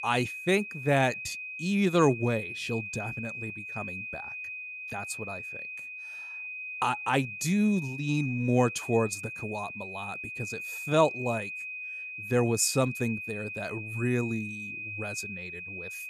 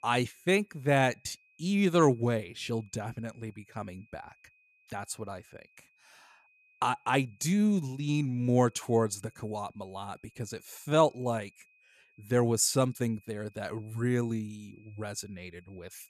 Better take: second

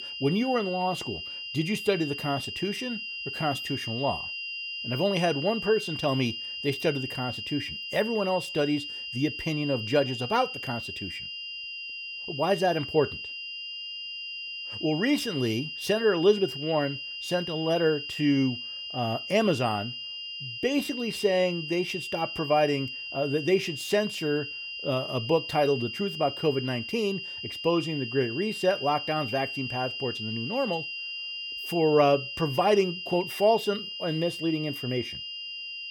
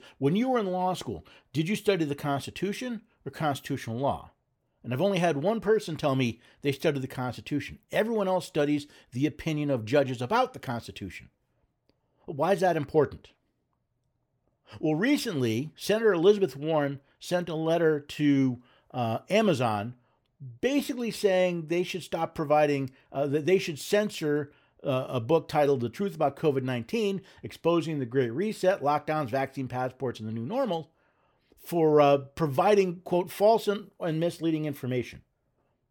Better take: second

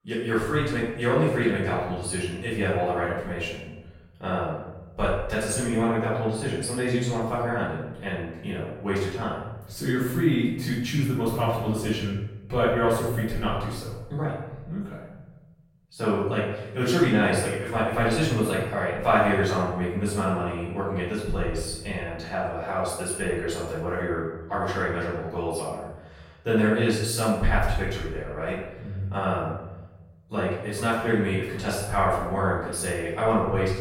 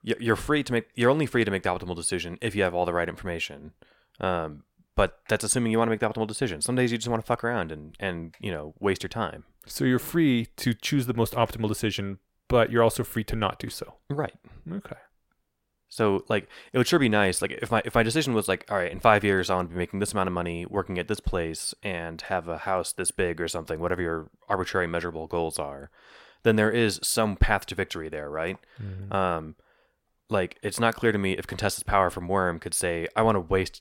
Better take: second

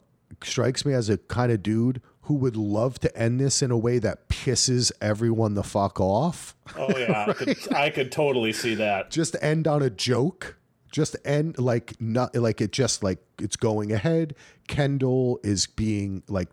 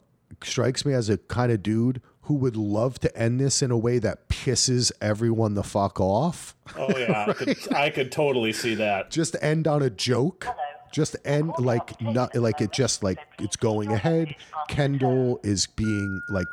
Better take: first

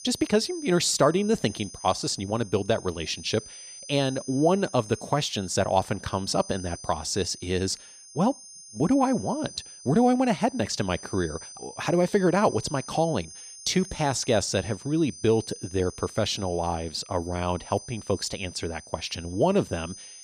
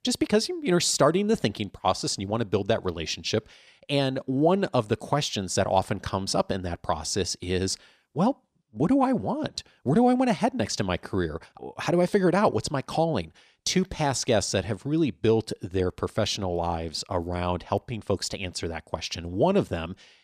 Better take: second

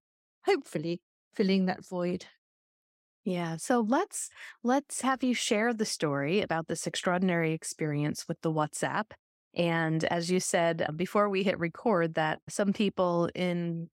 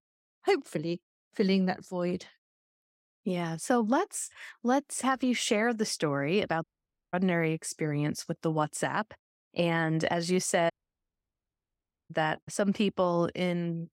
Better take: first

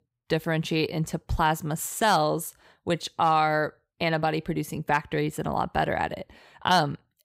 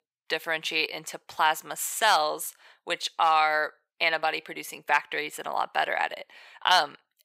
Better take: first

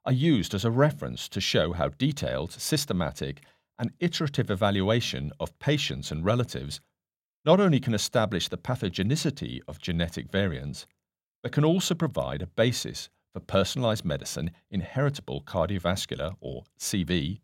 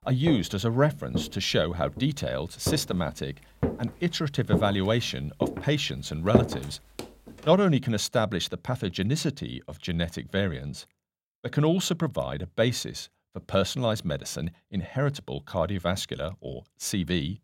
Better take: first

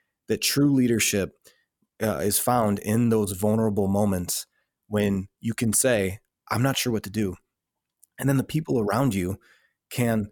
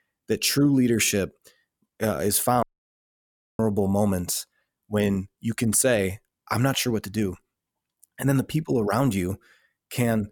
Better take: first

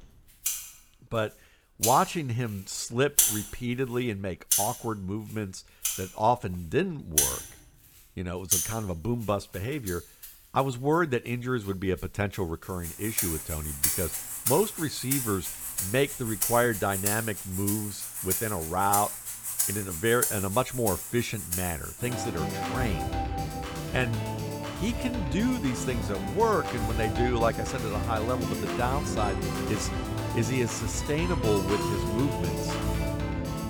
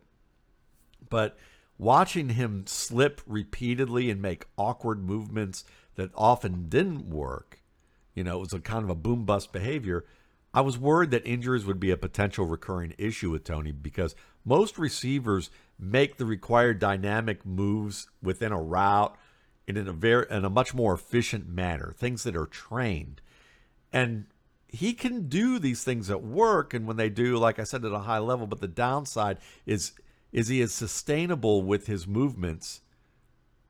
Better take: second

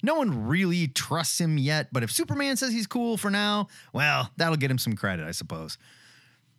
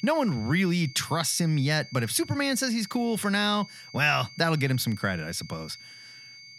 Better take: first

